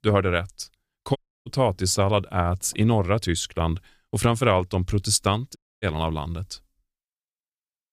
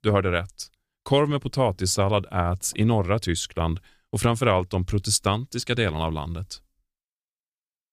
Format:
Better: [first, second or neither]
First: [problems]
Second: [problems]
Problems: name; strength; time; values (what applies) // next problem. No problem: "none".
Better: second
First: audio cutting out; at 1 s and at 5.5 s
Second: none